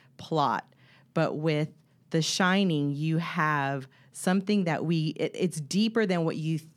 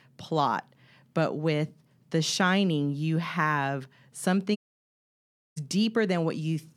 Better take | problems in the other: first | audio cutting out; at 4.5 s for 1 s

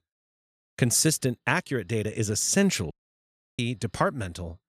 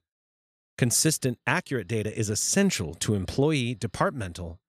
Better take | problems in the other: second | audio cutting out; at 3 s for 0.5 s

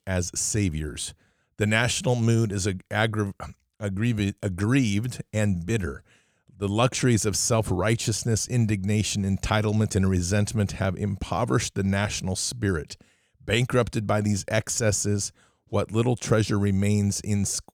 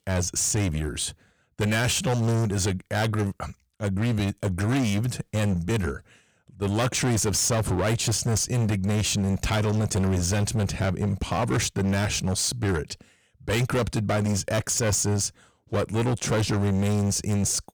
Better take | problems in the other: first | distortion; heavy; 20% of the sound clipped

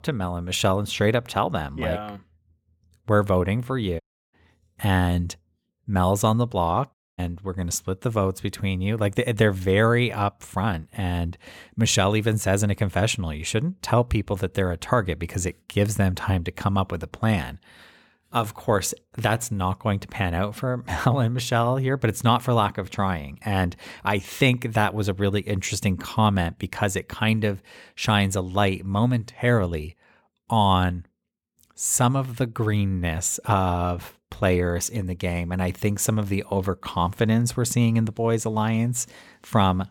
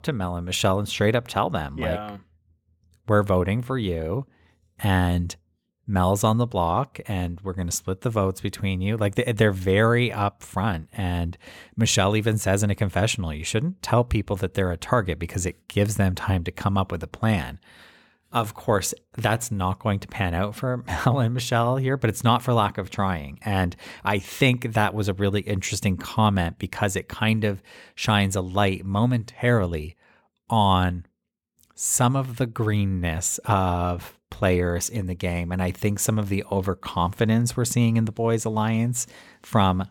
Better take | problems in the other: second | audio cutting out; at 4 s and at 7 s

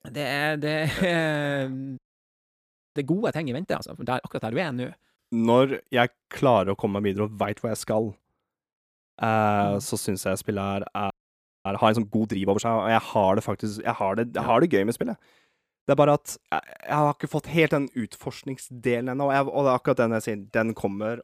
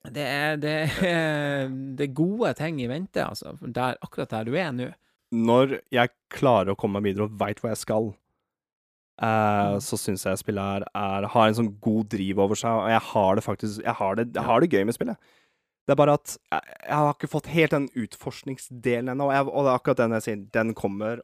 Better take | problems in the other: second | audio freezing; at 2 s for 1 s and at 11 s for 0.5 s

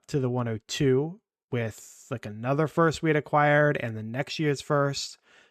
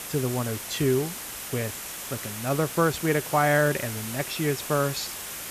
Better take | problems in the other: first | hiss; loud; throughout; 7 dB below the speech

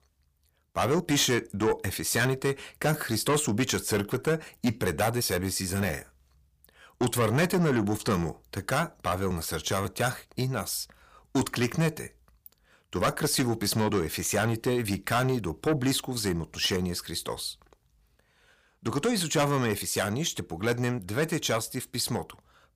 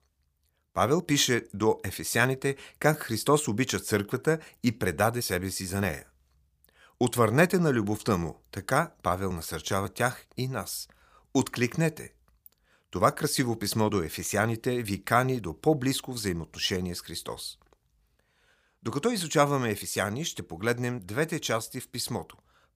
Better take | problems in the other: second | distortion; heavy; 7 dB below the speech

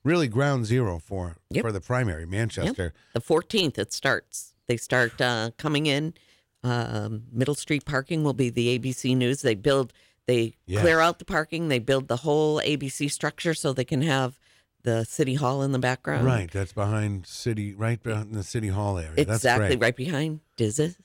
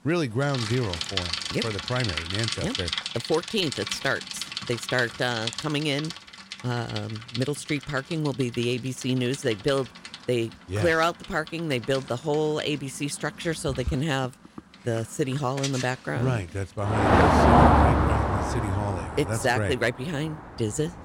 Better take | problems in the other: first | traffic noise; very loud; throughout; 2 dB above the speech

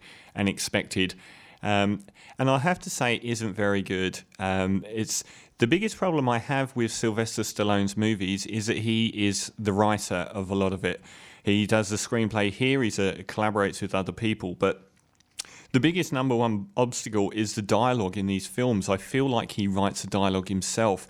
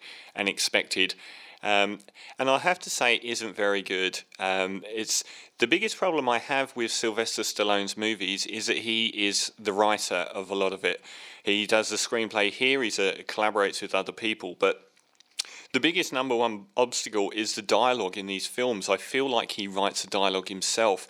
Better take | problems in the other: first | thin; somewhat; fading below 400 Hz

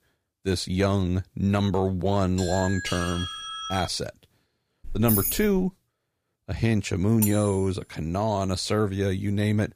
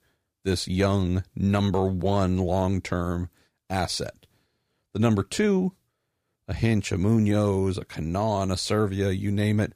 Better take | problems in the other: second | doorbell; noticeable; from 2.5 to 4 s; peak 6 dB below the speech // jangling keys; loud; at 5 s; peak 1 dB above the speech // clattering dishes; noticeable; at 7 s; peak 4 dB below the speech

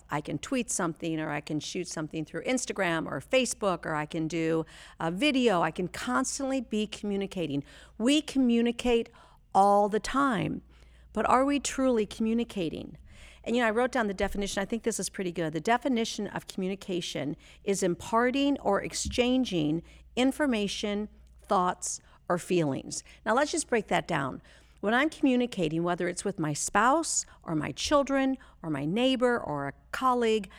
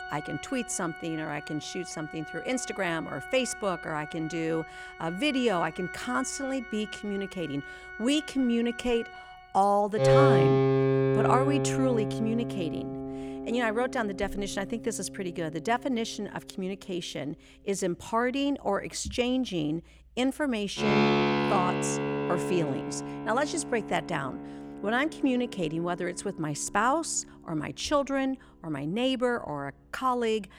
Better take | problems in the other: first | background music; loud; throughout; 1 dB below the speech

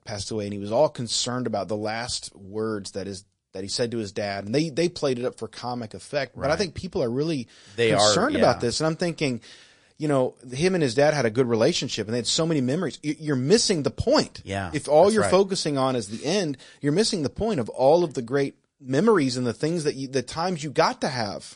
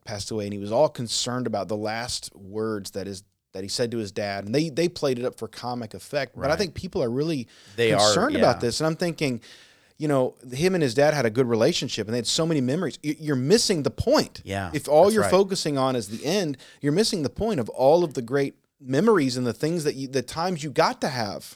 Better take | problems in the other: second | garbled, watery; slightly; nothing above 10 kHz

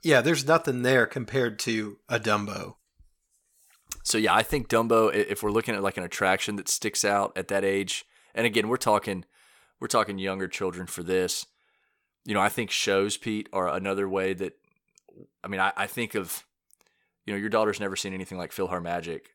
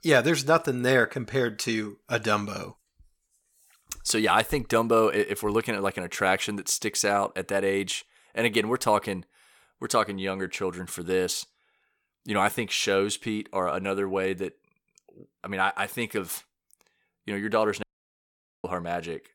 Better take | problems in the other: first | audio cutting out; at 18 s for 1 s

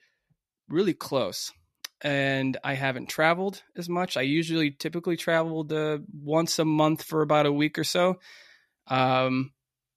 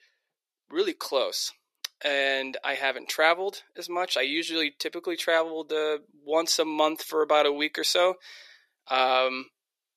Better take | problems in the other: first | thin; somewhat; fading below 400 Hz

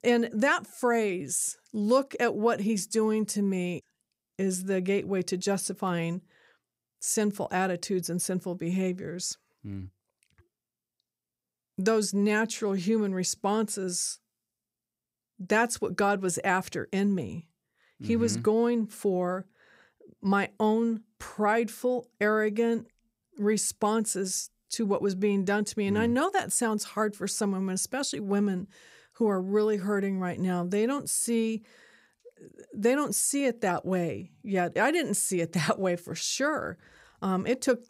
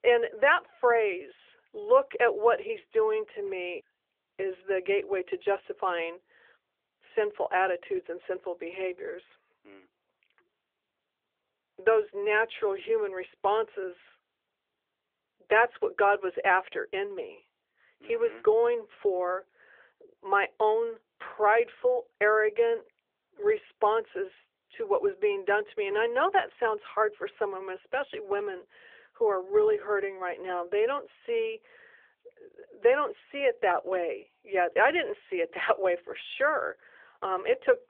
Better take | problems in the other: first | phone-call audio

